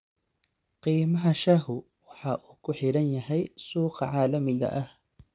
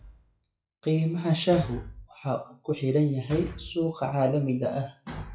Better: first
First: none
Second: noise reduction (classical method WPE with log-MMSE)

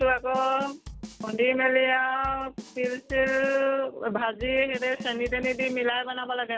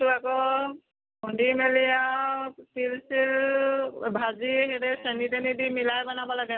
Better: second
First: background sound (Drum kit); 17 dB below the speech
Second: none

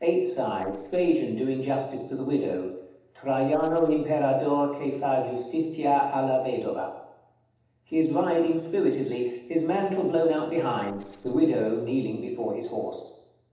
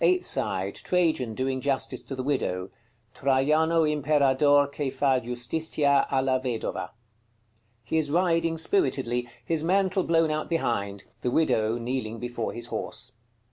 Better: second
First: noise reduction (neural separator model SepFormer DNS4)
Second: none

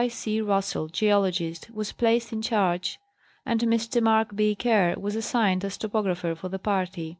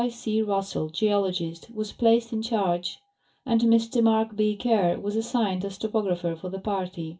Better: first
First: none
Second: room echo; dies away in 0.2 s

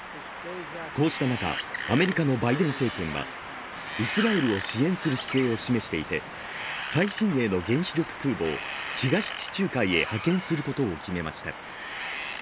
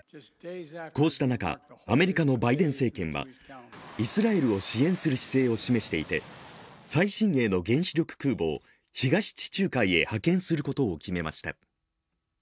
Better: second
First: background sound (Wind); 8 dB below the speech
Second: none

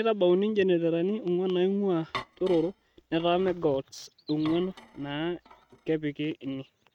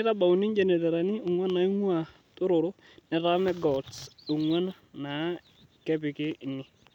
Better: second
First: noise reduction (neural mask model RNNoise)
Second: none

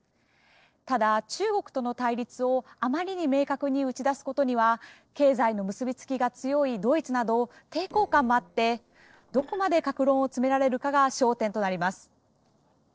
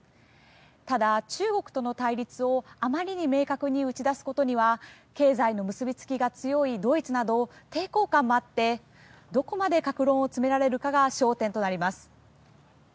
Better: second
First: noise reduction (neural separator model SepFormer DNS4)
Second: none

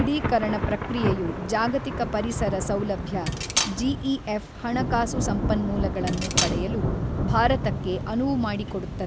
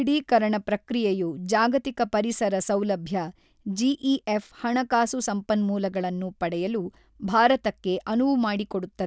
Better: second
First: background sound (Cutlery, silverware + Thunder / Rain); 1 dB below the speech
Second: none

